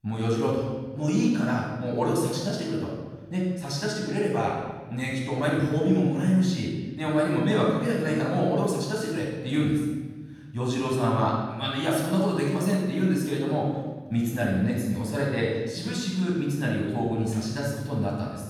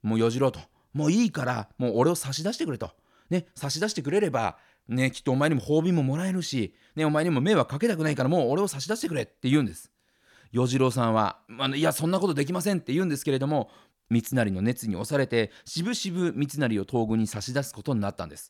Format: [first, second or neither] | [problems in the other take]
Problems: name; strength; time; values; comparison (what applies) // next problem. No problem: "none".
second | off-mic speech; far // room echo; strong; dies away in 1.3 s